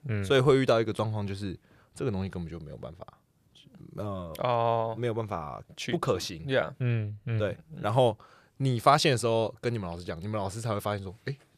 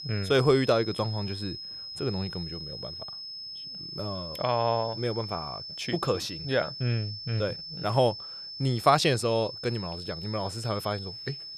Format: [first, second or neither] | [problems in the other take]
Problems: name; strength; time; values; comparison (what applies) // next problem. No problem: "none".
first | high-pitched whine; loud; throughout; 5.5 kHz, 9 dB below the speech